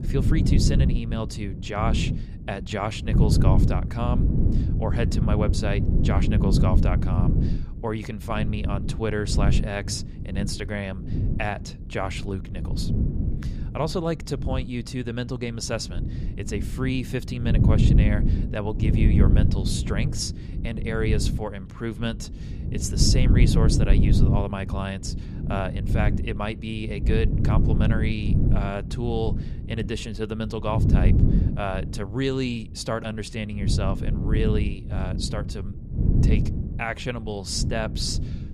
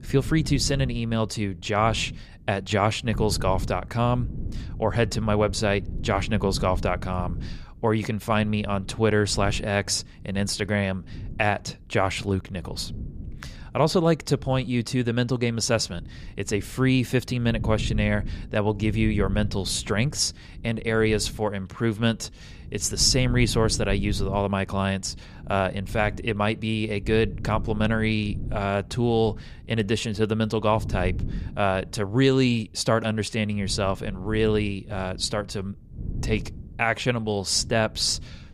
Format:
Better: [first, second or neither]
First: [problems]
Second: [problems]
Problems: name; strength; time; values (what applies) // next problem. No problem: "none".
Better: second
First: wind noise on the microphone; heavy; 5 dB below the speech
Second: wind noise on the microphone; occasional gusts; 20 dB below the speech